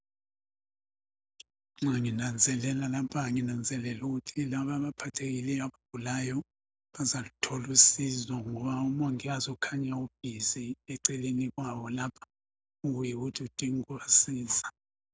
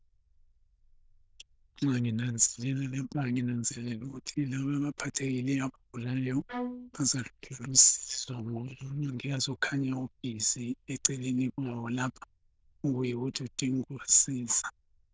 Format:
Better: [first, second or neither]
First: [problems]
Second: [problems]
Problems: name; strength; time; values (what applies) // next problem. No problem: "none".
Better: first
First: none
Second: noise reduction (neural diffusion model UNIVERSE++)